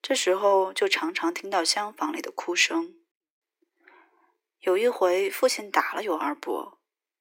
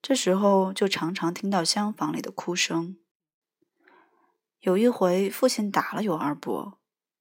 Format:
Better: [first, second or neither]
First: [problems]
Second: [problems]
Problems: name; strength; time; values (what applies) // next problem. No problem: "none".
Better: second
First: thin; somewhat; fading below 300 Hz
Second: none